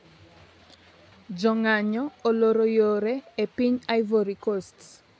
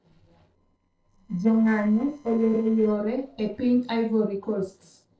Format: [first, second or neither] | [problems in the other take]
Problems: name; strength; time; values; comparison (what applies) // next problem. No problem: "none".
first | noise reduction (neural separator model SepFormer DNS4)